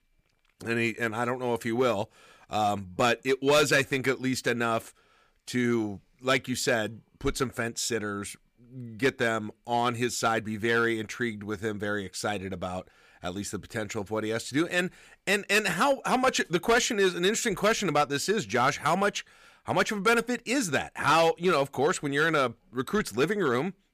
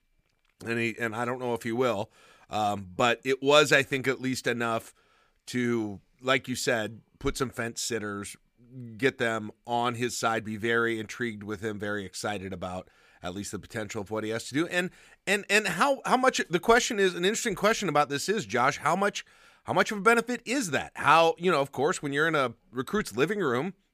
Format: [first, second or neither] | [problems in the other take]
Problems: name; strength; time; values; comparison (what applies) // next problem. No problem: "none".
second | distortion; slight; 3% of the sound clipped